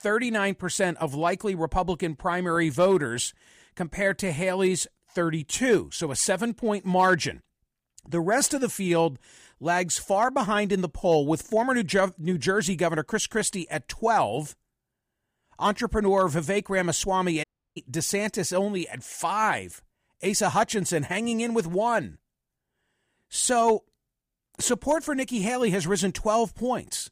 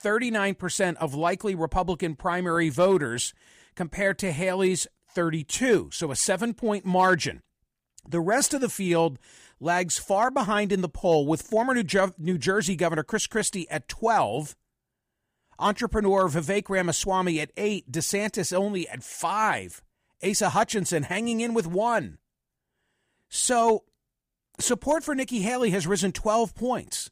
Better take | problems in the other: second | audio cutting out; at 17 s

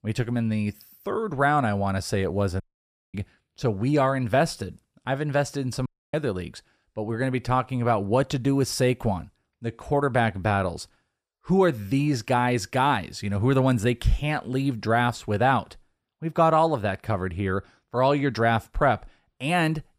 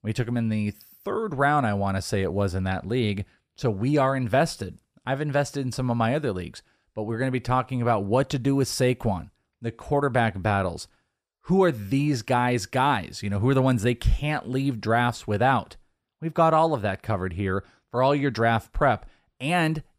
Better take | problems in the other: second | audio cutting out; at 2.5 s for 0.5 s and at 6 s

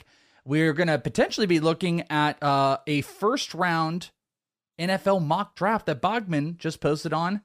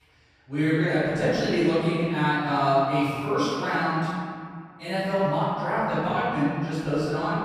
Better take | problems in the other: first | room echo; strong; dies away in 2.1 s // off-mic speech; far

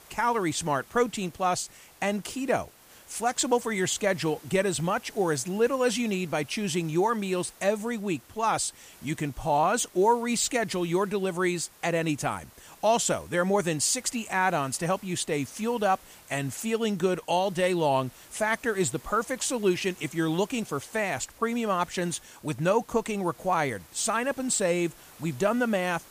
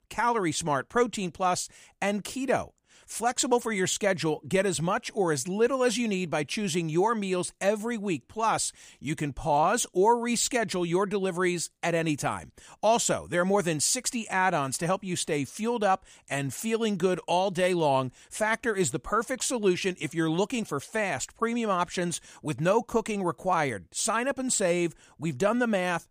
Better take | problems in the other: second | hiss; faint; throughout; 25 dB below the speech

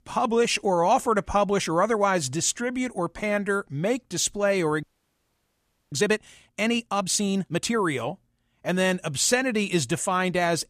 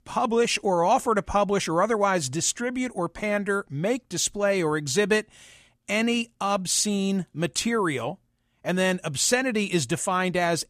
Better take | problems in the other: second | audio freezing; at 5 s for 1 s

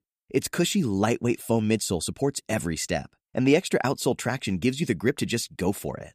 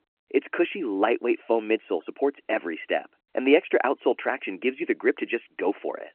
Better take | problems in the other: first | phone-call audio

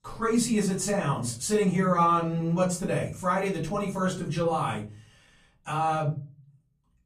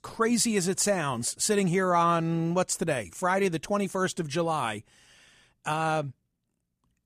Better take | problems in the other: second | off-mic speech; far // room echo; slight; dies away in 0.6 s

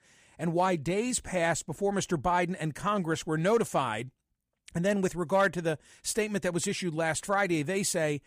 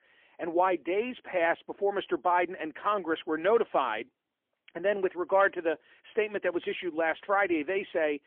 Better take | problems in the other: first | phone-call audio; poor line; nothing above 3.5 kHz

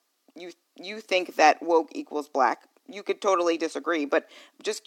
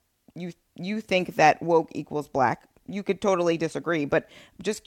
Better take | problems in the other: second | thin; very slightly; fading below 300 Hz

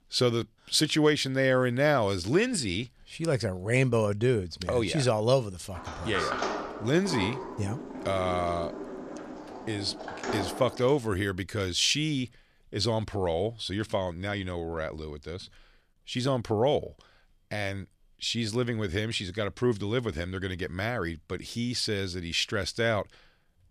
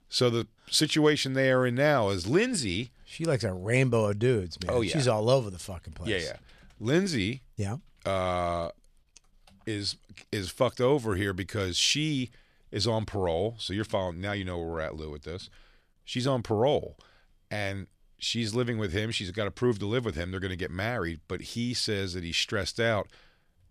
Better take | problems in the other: second | door banging; noticeable; from 6 to 11 s; peak 2 dB below the speech

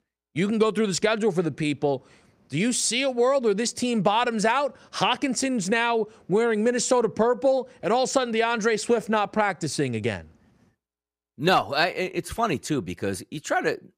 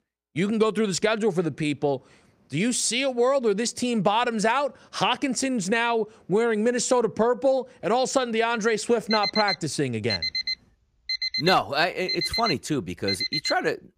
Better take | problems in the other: first | alarm; noticeable; from 9 s on; peak 1 dB below the speech

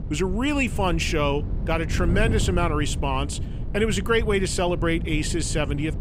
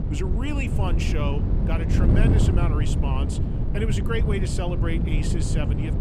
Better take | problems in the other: first | wind noise on the microphone; heavy; 2 dB below the speech; occasional gusts in the first

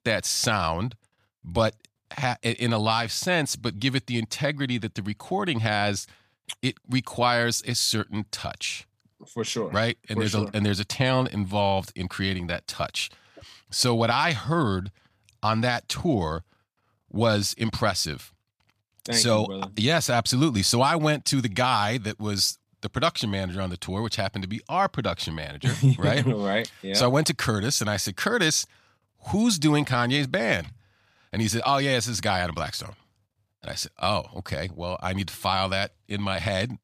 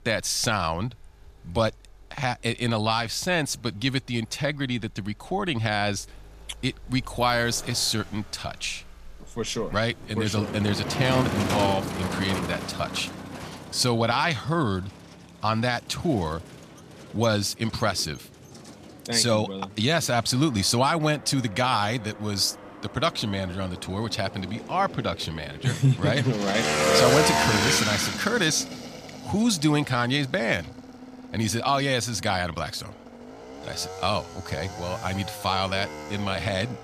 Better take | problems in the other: first | traffic noise; loud; throughout; 5 dB below the speech

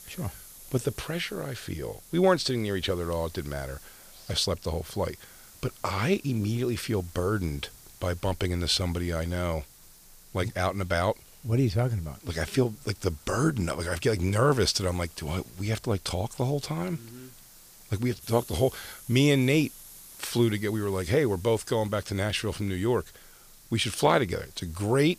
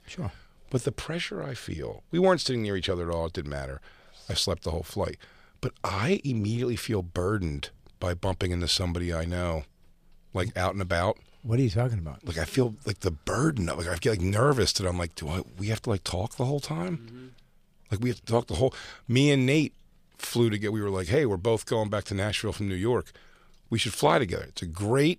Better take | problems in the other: second | hiss; faint; throughout; 20 dB below the speech

